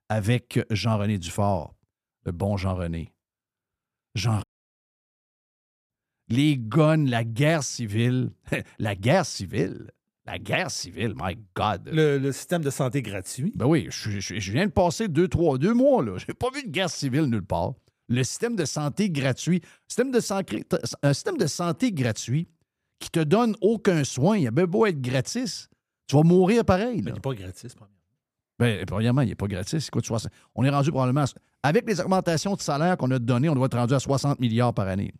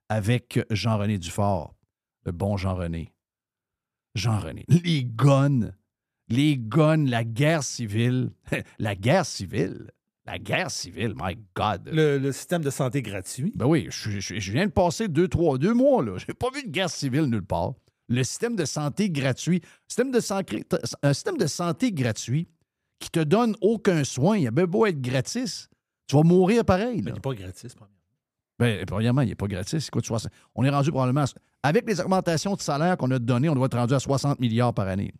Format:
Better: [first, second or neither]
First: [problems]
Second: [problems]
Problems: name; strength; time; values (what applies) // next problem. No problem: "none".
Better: second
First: audio cutting out; at 4.5 s for 1.5 s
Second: none